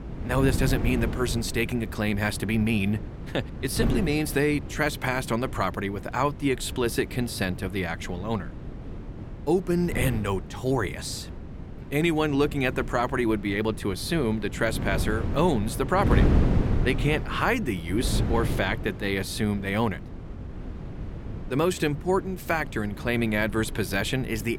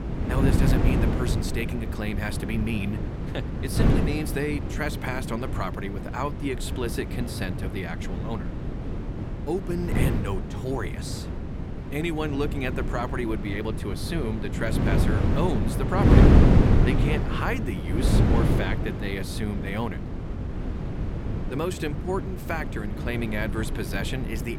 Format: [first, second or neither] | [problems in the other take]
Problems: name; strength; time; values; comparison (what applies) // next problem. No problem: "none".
first | wind noise on the microphone; heavy; 2 dB below the speech; occasional gusts in the first